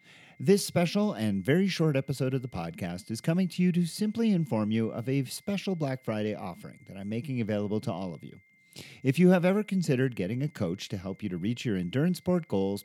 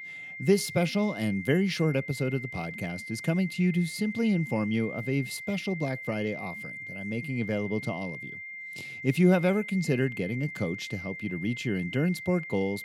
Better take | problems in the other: first | high-pitched whine; loud; throughout; 2 kHz, 9 dB below the speech; faint in the first

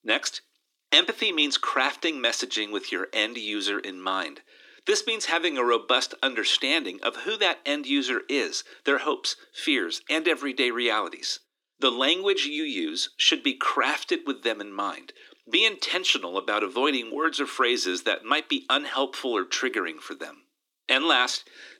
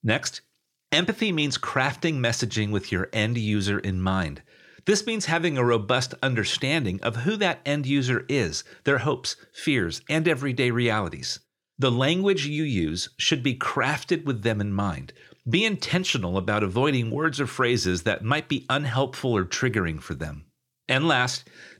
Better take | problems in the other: second | thin; somewhat; fading below 250 Hz

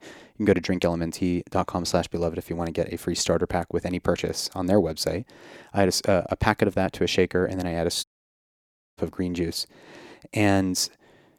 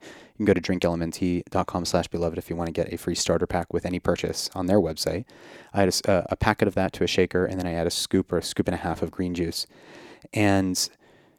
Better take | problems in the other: second | audio cutting out; at 8 s for 1 s

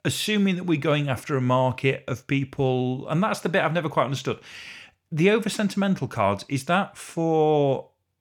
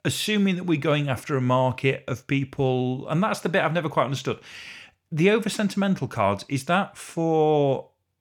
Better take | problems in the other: neither | none

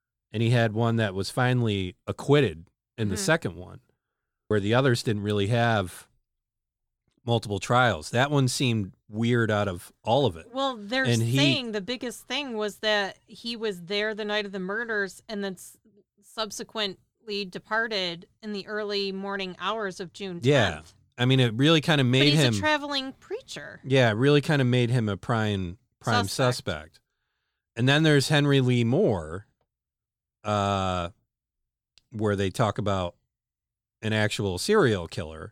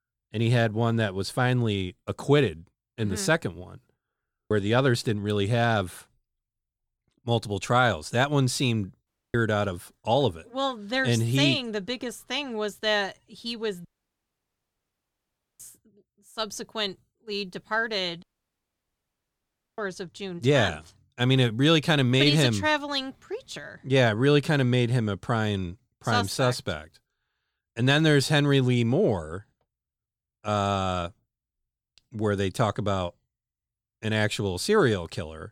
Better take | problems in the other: first | audio cutting out; at 9 s, at 14 s for 1.5 s and at 18 s for 1.5 s

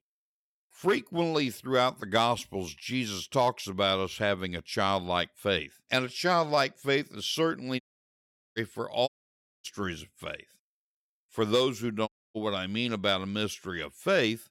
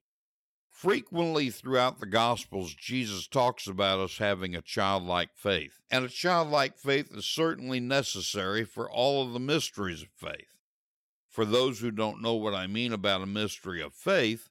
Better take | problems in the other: second | audio cutting out; at 8 s for 1 s, at 9 s for 0.5 s and at 12 s

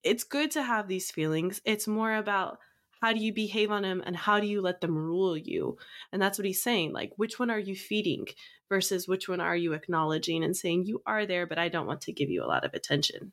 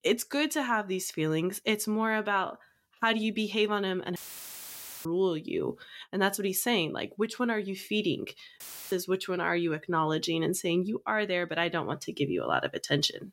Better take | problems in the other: first | audio cutting out; filled with static; at 4 s for 1 s and at 8.5 s

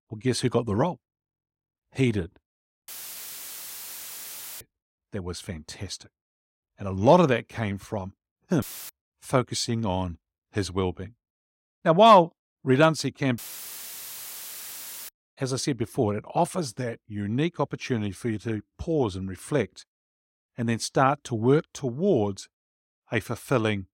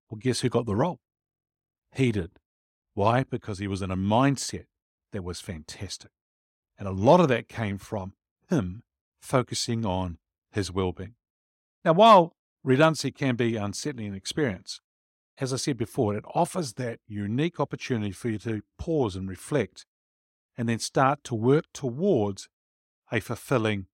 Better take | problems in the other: second | audio cutting out; filled with static; at 3 s for 1.5 s, at 8.5 s and at 13 s for 1.5 s

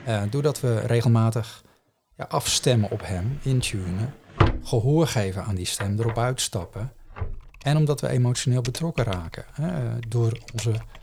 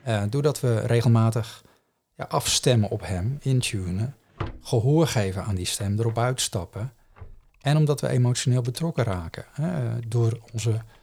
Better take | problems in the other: second | household noises; loud; throughout; 8 dB below the speech; faint in the second

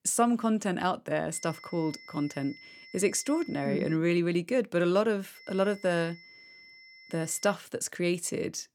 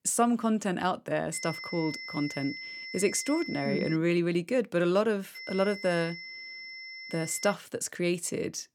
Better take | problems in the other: first | high-pitched whine; loud; from 1.5 to 4 s and from 5.5 to 7.5 s; 2 kHz, 10 dB below the speech; faint in the first

